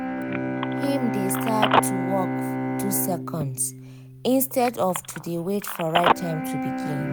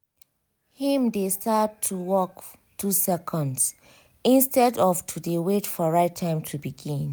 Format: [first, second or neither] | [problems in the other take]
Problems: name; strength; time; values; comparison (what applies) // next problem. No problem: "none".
second | background sound (Telephone + Bowed string instrument); 1 dB above the speech